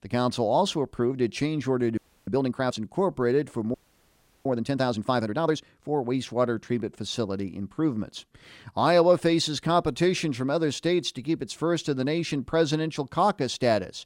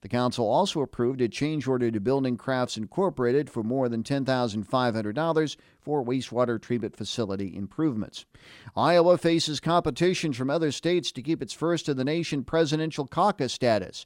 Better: second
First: audio freezing; at 2 s and at 3.5 s for 0.5 s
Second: none

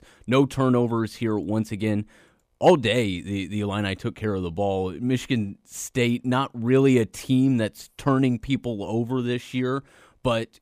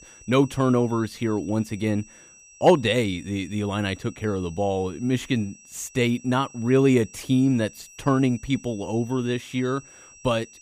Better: first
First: none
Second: high-pitched whine; faint; throughout; 6 kHz, 25 dB below the speech

